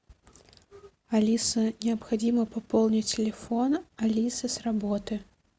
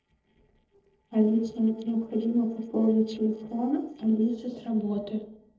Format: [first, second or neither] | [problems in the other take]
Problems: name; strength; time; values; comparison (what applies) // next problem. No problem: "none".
first | noise reduction (neural separator model SepFormer DNS4)